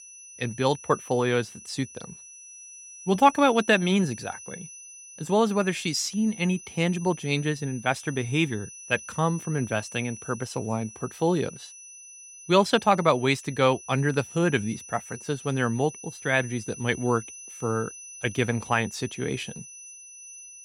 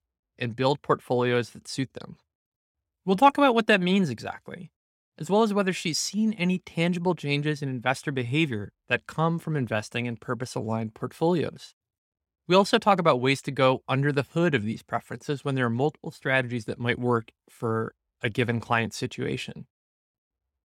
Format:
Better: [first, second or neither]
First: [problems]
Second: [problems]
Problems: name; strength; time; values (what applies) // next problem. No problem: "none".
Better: second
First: high-pitched whine; noticeable; throughout; 6 kHz, 15 dB below the speech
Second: none